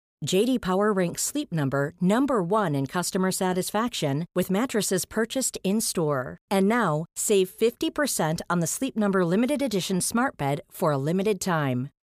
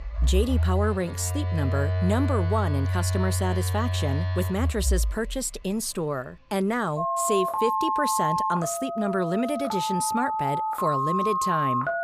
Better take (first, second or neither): first